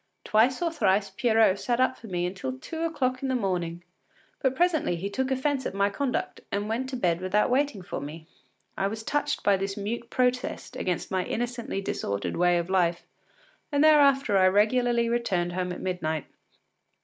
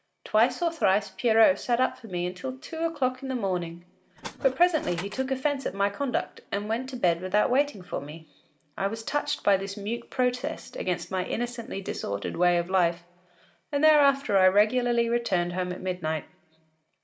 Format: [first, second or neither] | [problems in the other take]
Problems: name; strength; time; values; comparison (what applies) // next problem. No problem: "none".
first | background sound (Tools); 14 dB below the speech // room echo; dies away in 0.4 s